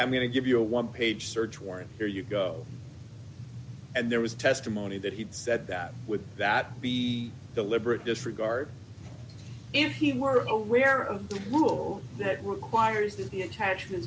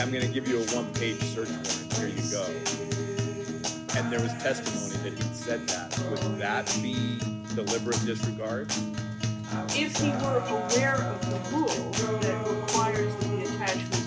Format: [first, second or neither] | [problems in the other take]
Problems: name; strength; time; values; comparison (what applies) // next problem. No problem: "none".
first | background sound (Acoustic guitar); 2 dB above the speech